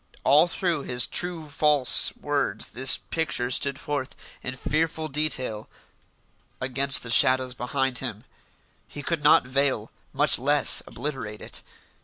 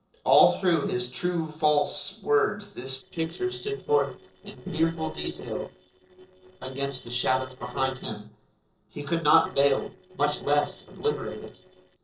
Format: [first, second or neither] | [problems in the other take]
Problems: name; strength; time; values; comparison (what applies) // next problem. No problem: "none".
first | noise reduction (neural separator model SepFormer DNS4)